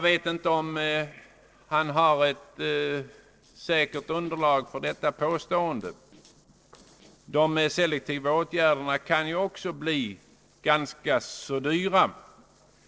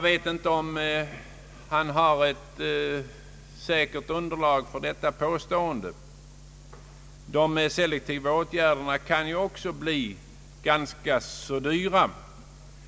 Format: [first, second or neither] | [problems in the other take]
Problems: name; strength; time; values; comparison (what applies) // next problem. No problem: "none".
second | noise reduction (neural separator model SepFormer DNS4)